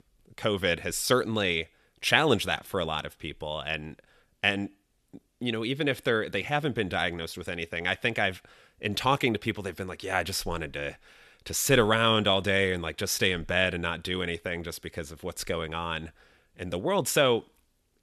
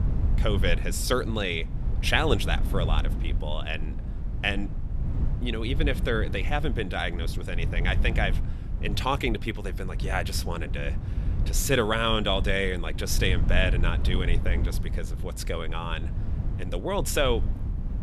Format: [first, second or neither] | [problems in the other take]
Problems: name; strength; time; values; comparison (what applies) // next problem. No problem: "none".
first | wind noise on the microphone; occasional gusts; 15 dB below the speech